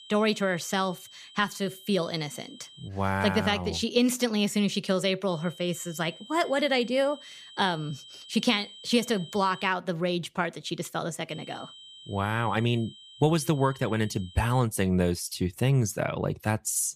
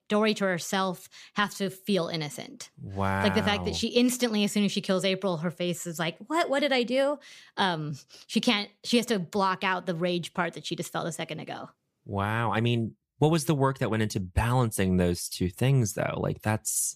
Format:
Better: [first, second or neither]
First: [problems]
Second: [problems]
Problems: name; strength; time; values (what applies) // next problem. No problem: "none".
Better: second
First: high-pitched whine; noticeable; until 3 s, from 5.5 to 9.5 s and from 11 to 15 s; 3 kHz, 20 dB below the speech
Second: none